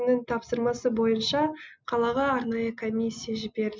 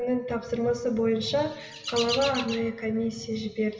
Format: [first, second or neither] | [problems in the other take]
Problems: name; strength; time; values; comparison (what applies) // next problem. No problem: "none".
first | background sound (Chirp, tweet); 10 dB below the speech // room echo; dies away in 1.4 s